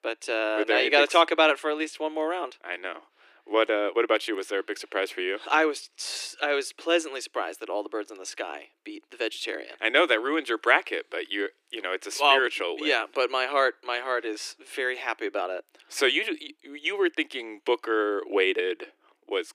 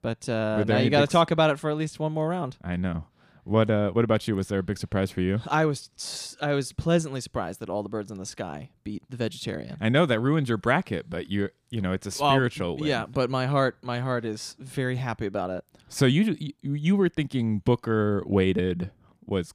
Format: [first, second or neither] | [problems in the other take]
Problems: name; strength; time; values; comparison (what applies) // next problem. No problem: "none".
second | thin; very; fading below 300 Hz